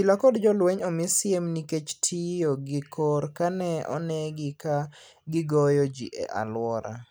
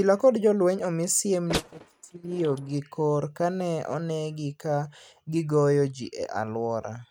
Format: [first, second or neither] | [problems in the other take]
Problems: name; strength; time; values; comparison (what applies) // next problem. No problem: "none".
first | noise reduction (neural mask model RNNoise)